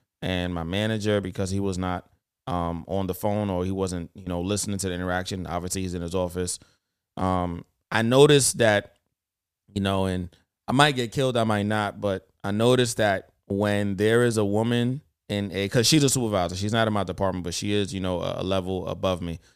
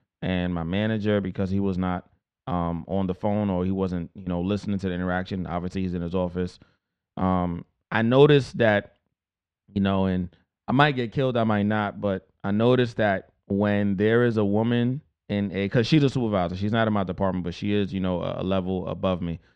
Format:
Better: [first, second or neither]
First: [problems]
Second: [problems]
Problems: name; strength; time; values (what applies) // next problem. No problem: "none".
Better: first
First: none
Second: muffled; slightly; fading above 3 kHz